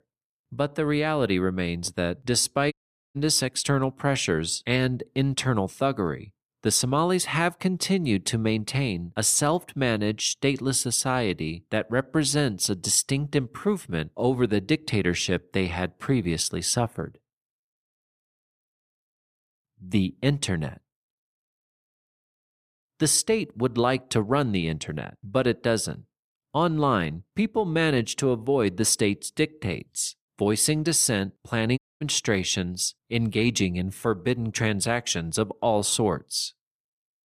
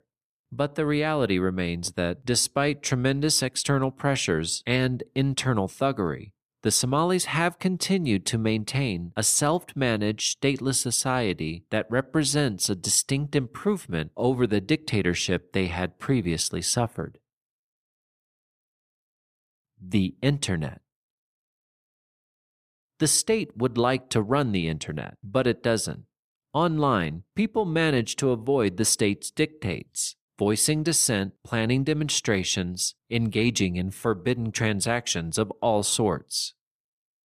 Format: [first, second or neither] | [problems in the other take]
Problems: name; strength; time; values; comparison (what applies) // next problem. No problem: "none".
second | audio cutting out; at 2.5 s and at 32 s